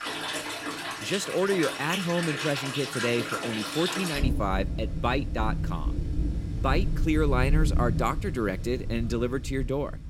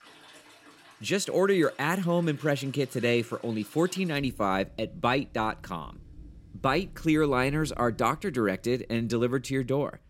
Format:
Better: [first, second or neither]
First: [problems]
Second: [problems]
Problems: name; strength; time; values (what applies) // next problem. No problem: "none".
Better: second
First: rain or running water; loud; throughout; 2 dB below the speech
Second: rain or running water; faint; throughout; 25 dB below the speech